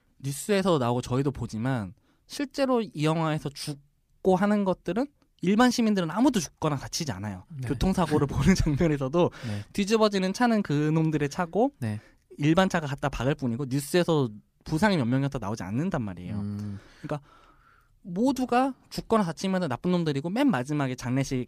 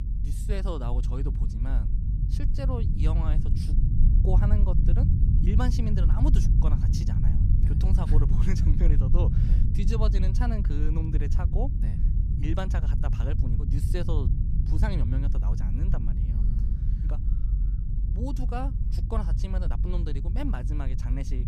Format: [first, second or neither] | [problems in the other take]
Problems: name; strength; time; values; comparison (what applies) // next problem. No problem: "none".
first | low rumble; loud; throughout; 3 dB below the speech